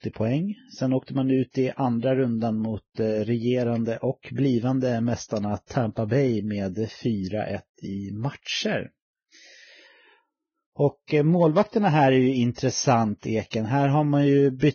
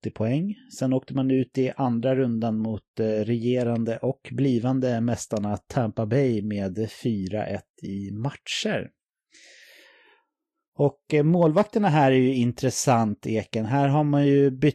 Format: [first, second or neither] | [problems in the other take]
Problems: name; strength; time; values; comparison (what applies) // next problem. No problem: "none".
second | garbled, watery; badly; nothing above 6.5 kHz; slightly in the second